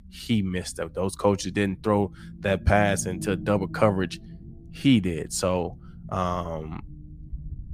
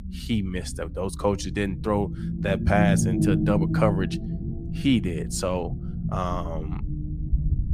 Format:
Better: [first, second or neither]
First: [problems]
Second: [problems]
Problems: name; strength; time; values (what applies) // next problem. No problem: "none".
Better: first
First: low rumble; faint; throughout; 20 dB below the speech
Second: low rumble; loud; throughout; 7 dB below the speech